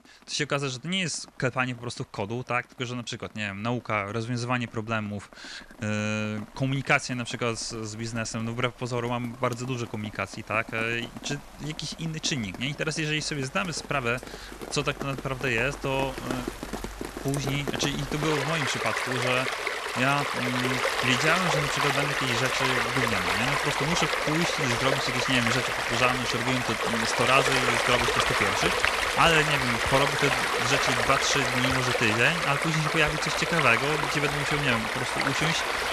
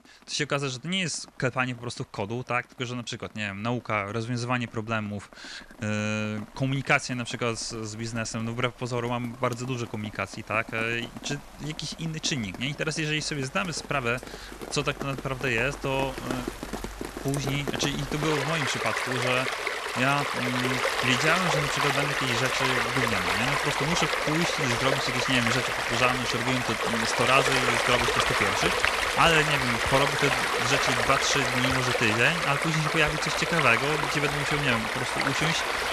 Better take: neither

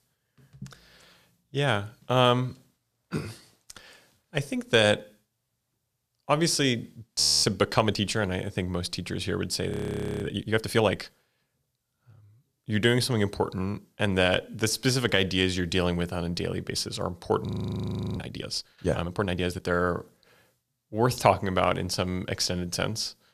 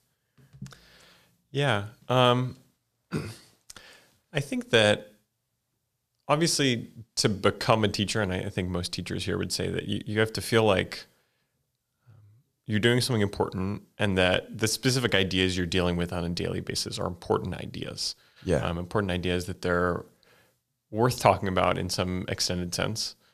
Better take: second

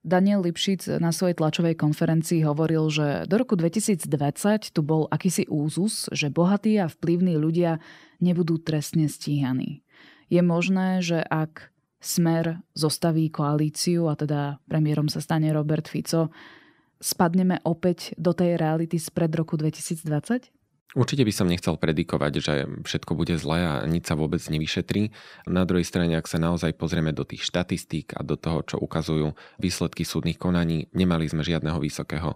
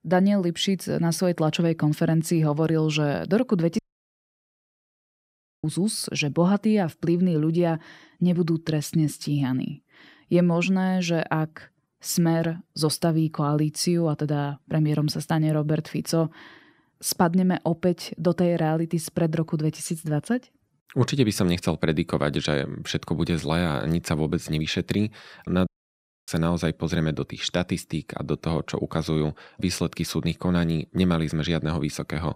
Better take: first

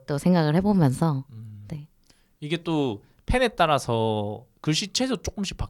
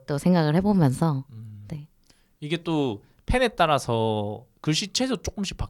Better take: neither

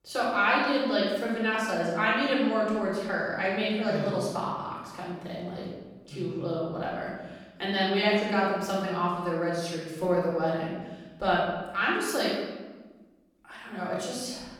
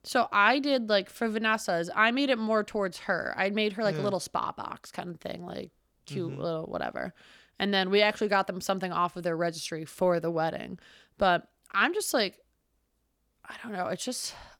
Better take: second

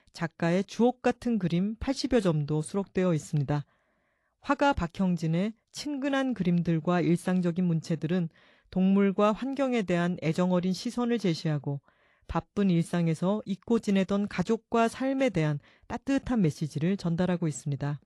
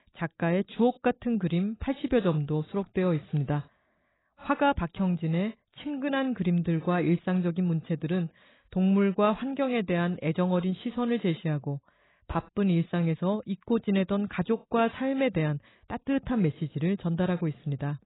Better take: first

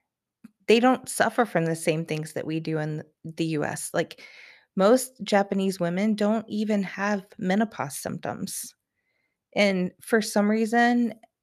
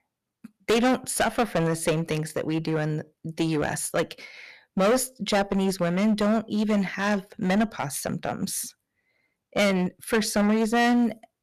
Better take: first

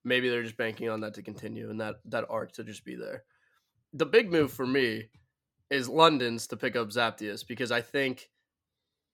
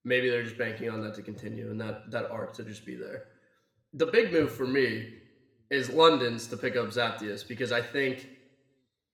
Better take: first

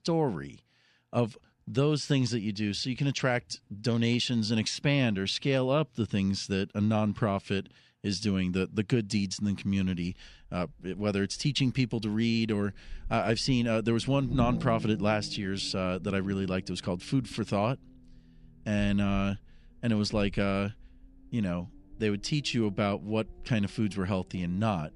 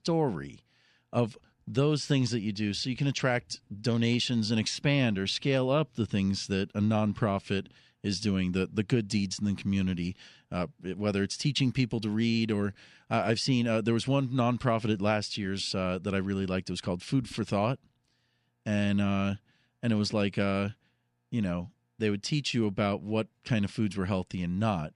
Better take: second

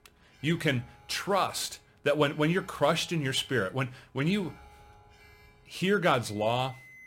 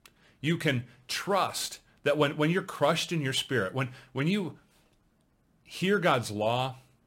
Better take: second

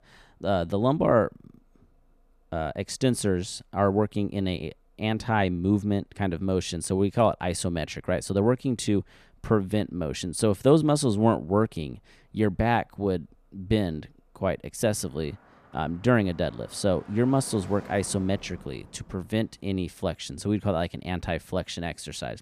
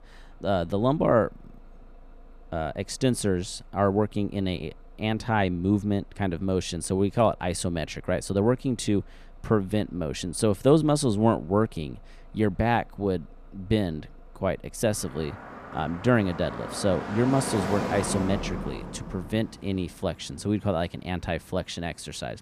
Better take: first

